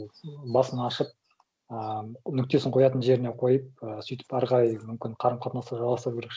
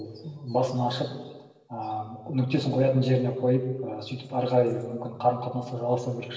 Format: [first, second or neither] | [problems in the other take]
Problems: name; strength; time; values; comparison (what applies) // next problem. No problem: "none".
first | room echo; dies away in 1.2 s